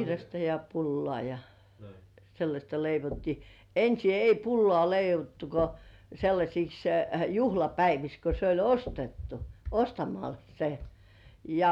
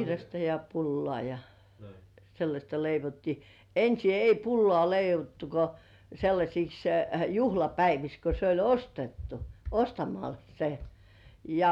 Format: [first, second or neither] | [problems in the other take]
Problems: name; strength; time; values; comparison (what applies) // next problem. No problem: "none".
second | background sound (Knock / Wood); 19 dB below the speech